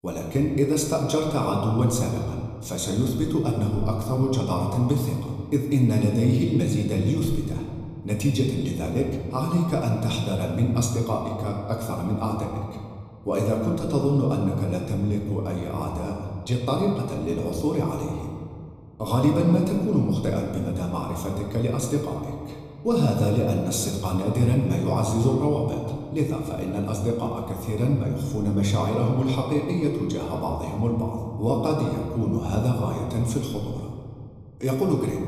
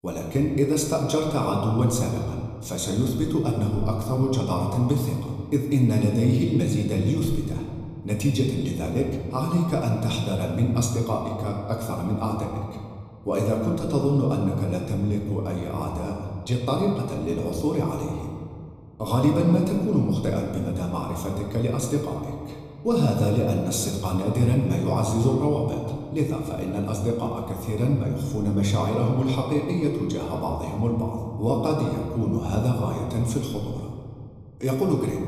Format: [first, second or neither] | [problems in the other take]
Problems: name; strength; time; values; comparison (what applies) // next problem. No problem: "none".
neither | room echo; noticeable; dies away in 1.7 s; the same in both // off-mic speech; somewhat distant; the same in both